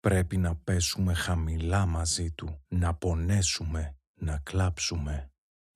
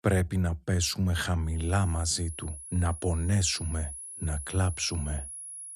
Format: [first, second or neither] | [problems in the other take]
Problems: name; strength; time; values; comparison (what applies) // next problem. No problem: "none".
first | high-pitched whine; noticeable; from 1.5 s on; 10.5 kHz, 10 dB below the speech